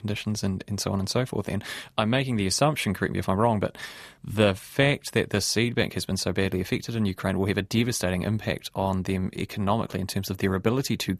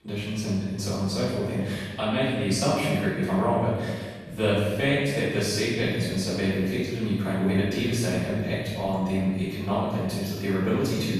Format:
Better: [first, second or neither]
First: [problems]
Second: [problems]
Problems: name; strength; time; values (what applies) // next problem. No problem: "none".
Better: first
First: none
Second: off-mic speech; far // room echo; strong; dies away in 1.3 s